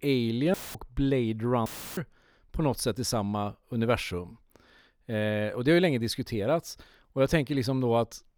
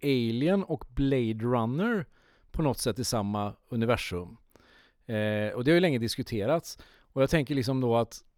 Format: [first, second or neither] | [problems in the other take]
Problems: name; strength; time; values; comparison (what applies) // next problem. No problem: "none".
second | audio cutting out; filled with static; at 0.5 s and at 1.5 s